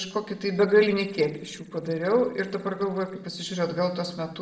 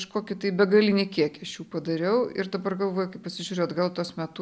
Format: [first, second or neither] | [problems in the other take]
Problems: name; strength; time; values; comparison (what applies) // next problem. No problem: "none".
second | noise reduction (neural separator model SepFormer DNS4)